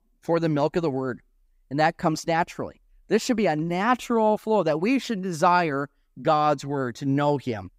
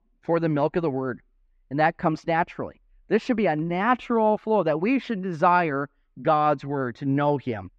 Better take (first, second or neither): first